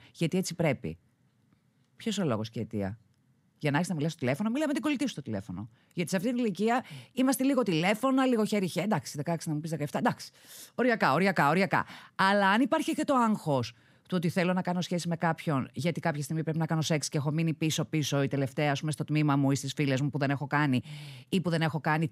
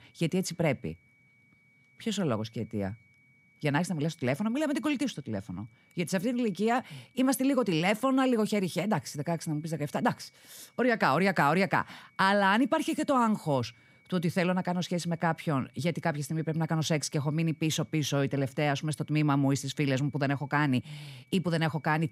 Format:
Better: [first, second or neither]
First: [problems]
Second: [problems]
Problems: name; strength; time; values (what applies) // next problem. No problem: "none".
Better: first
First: none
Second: high-pitched whine; faint; throughout; 2 kHz, 35 dB below the speech